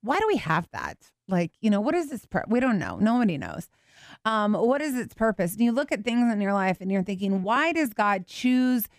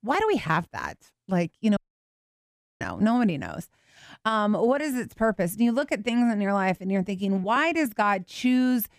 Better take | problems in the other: first | audio cutting out; at 2 s for 1 s

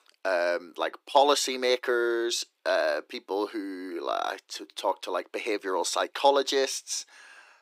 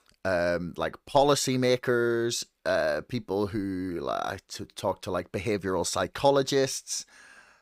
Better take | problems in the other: second | thin; somewhat; fading below 300 Hz

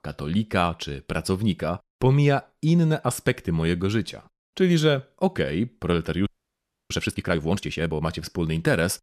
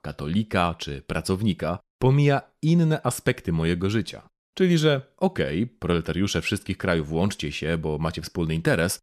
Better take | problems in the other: second | audio freezing; at 6.5 s for 0.5 s

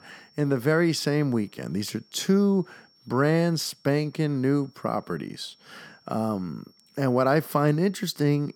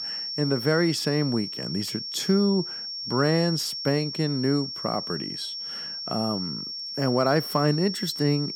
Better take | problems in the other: first | high-pitched whine; loud; throughout; 5.5 kHz, 5 dB below the speech; faint in the first

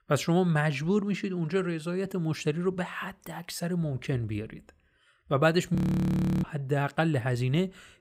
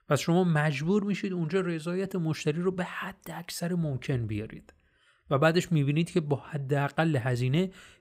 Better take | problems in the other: second | audio freezing; at 6 s for 0.5 s

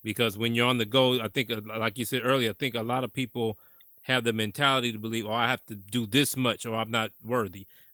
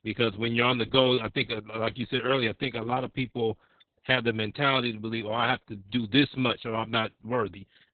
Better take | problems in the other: first | garbled, watery; badly; nothing above 4 kHz; slightly in the first

